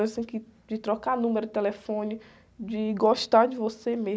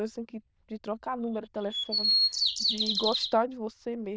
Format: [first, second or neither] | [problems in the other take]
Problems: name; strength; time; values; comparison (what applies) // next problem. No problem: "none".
first | noise reduction (neural diffusion model UNIVERSE++)